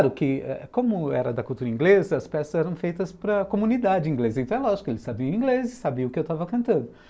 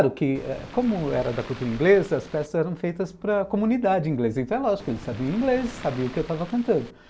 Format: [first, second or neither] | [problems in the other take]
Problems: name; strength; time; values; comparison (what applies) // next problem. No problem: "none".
first | background sound (Waves, surf); 16 dB below the speech